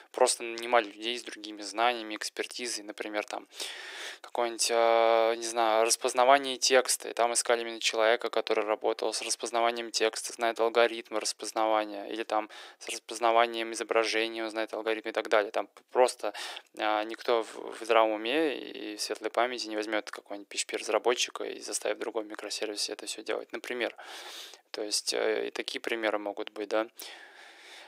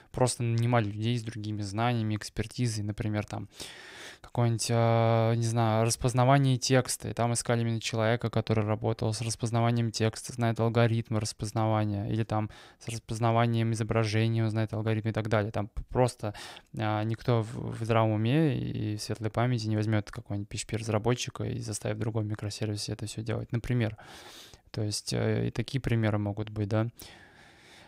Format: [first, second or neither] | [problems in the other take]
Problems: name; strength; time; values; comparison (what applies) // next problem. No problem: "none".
second | thin; very; fading below 350 Hz